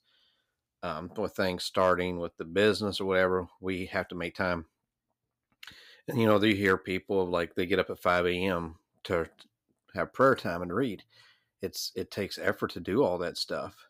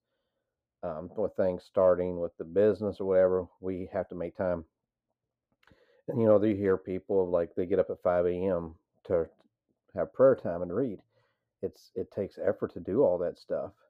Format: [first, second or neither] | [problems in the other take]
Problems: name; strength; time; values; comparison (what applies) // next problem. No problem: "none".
first | muffled; very; fading above 1.5 kHz